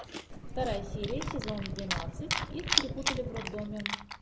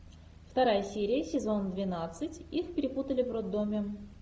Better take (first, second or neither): second